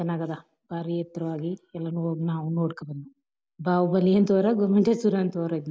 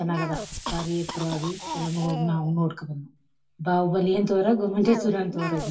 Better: first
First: none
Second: background sound (Cough); 11 dB below the speech // room echo; dies away in 0.2 s

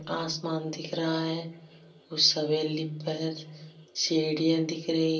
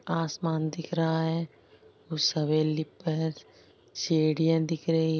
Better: second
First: room echo; dies away in 0.3 s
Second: none

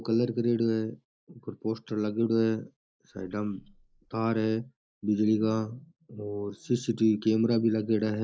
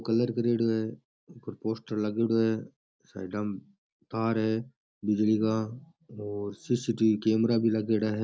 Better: second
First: noise reduction (neural mask model Resemble Enhance denoiser)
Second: none

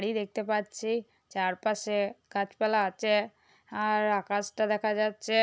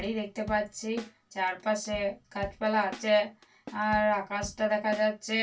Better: first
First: none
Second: background sound (Drum / Drum kit); 17 dB below the speech // room echo; dies away in 0.2 s

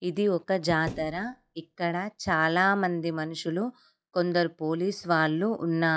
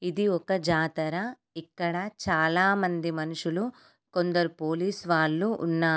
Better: second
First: noise reduction (classical method log-MMSE)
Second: none

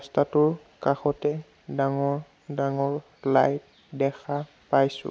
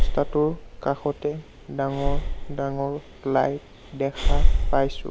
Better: first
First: none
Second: background sound (Breathing); 4 dB above the speech

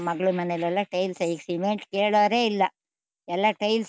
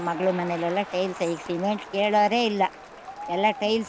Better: first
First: none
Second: background sound (Crowd); 14 dB below the speech

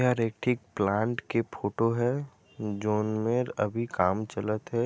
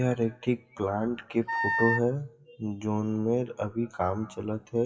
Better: first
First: none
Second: noise reduction (classical method WPE with log-MMSE)

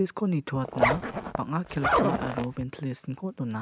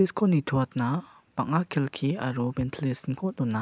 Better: second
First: background sound (Zipper (clothing)); 3 dB above the speech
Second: none

